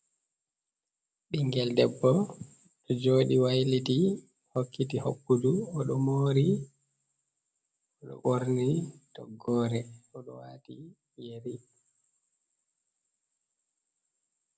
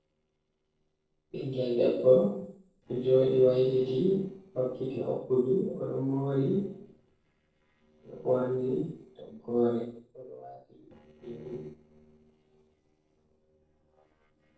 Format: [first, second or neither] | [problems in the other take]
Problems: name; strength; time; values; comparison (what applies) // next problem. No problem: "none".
first | noise reduction (neural separator model SepFormer DNS4)